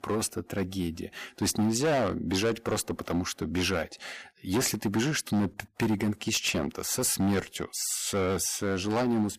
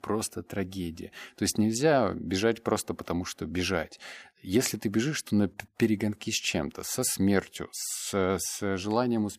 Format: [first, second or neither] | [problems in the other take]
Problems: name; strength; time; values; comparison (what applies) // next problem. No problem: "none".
second | distortion; heavy; 10% of the sound clipped